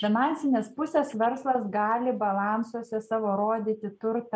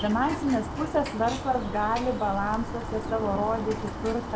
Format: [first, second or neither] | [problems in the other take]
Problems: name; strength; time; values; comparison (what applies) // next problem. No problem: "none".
first | background sound (Bird); 6 dB below the speech